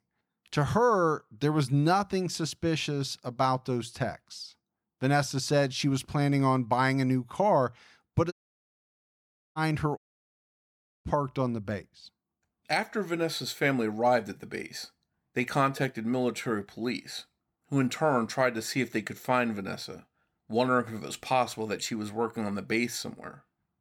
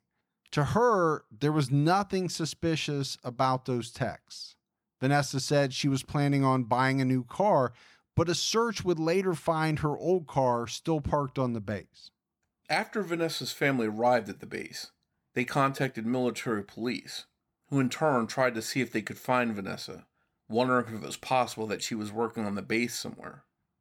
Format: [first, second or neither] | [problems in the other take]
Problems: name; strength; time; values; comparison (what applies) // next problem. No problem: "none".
second | audio cutting out; at 8.5 s for 1 s and at 10 s for 1 s